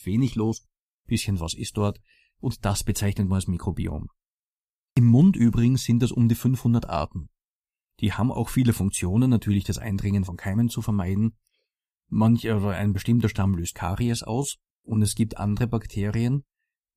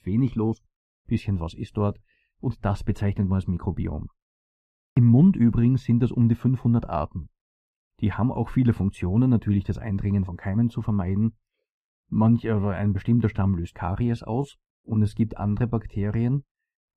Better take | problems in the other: first | muffled; very; fading above 3.5 kHz

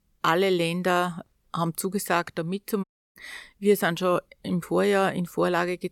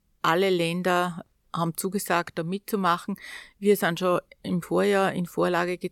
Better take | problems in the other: second | audio cutting out; at 3 s

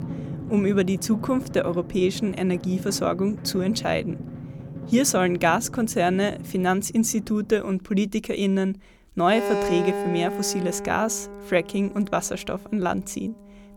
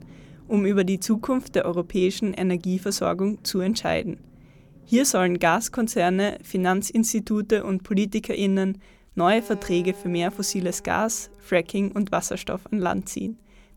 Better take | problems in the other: second | background music; loud; throughout; 9 dB below the speech; faint in the second

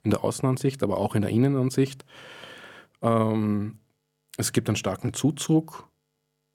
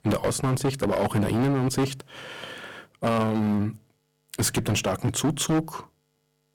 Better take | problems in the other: first | distortion; heavy; 12% of the sound clipped

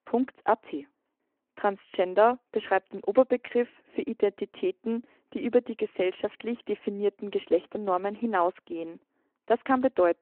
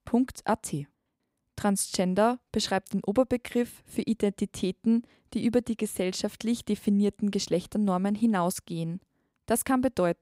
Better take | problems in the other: second | phone-call audio

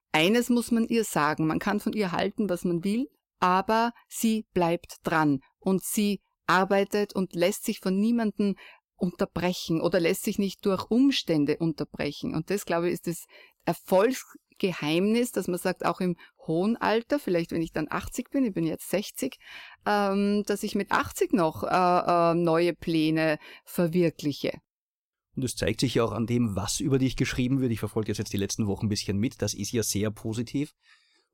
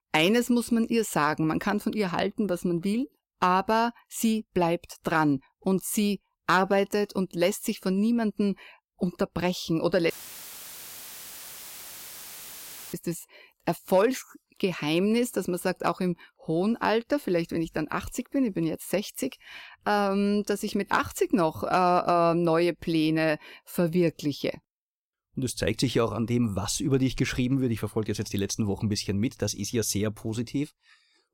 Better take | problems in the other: first | audio cutting out; filled with static; at 10 s for 3 s

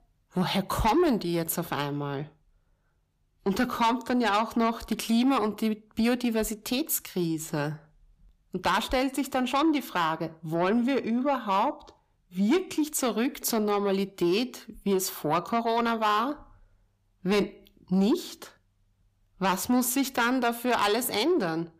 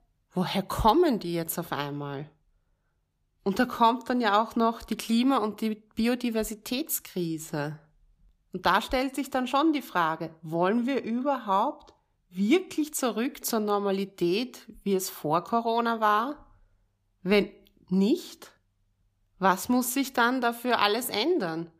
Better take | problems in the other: second | distortion; slight; 10 dB below the speech

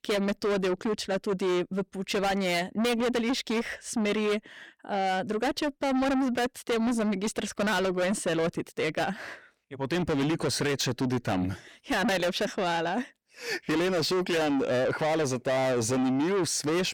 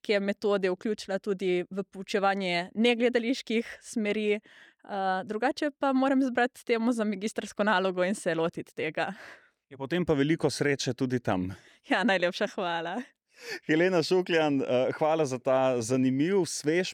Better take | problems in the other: second | distortion; heavy; 6 dB below the speech

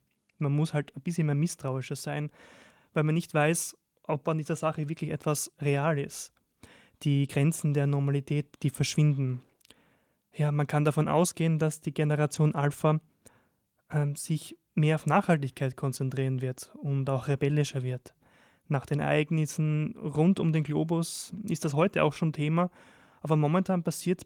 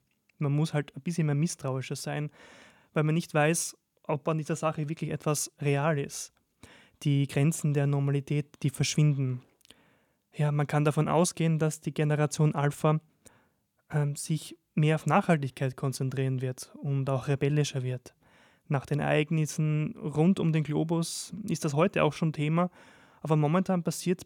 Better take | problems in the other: second | garbled, watery; slightly; nothing above 18.5 kHz

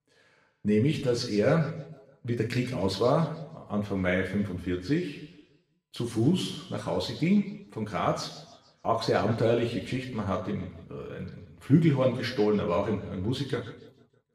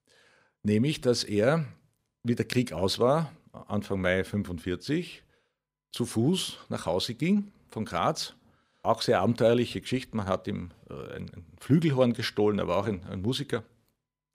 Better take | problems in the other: second | room echo; noticeable; dies away in 0.9 s // off-mic speech; far

